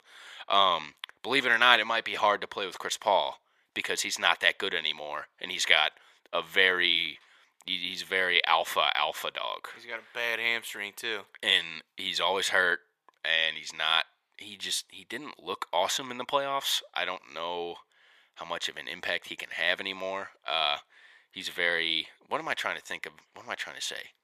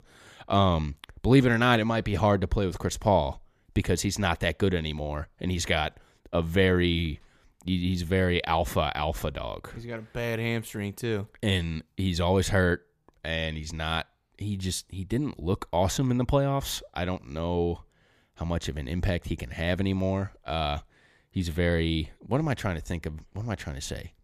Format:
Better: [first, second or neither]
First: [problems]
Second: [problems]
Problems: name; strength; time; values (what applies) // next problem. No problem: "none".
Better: second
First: thin; very; fading below 650 Hz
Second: none